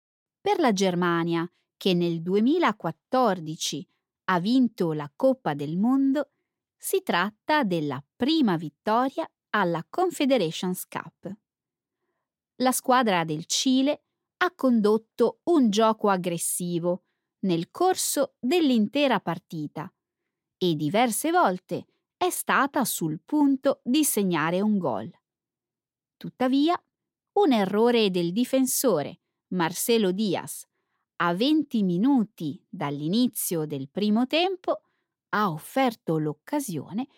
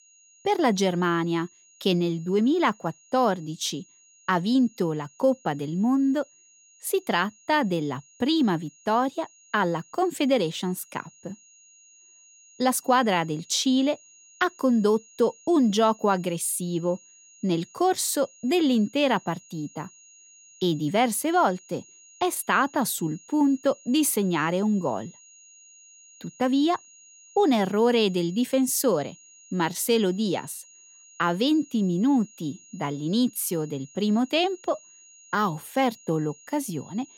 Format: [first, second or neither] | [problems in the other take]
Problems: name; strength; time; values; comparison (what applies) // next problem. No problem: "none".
first | high-pitched whine; faint; throughout; 6.5 kHz, 25 dB below the speech